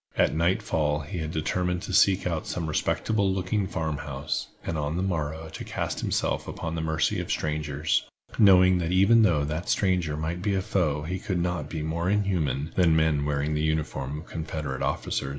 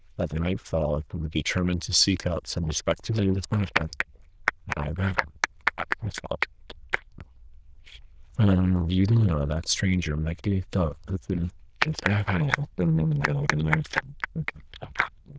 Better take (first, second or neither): first